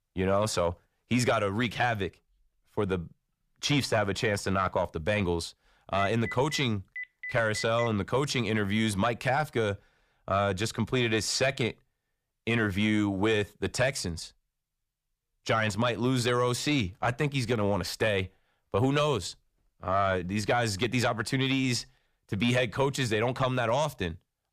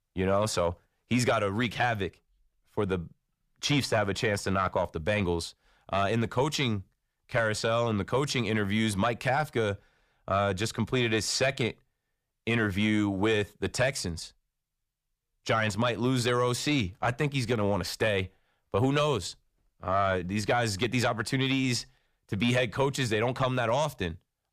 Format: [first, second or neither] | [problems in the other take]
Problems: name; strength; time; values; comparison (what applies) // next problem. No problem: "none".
second | phone ringing; noticeable; from 6 to 8 s; peak 9 dB below the speech